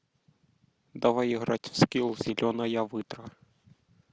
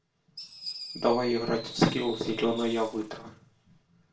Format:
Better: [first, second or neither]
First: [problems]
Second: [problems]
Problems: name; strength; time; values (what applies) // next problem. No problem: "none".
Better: first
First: none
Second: background sound (Fireworks); 14 dB below the speech // room echo; dies away in 0.3 s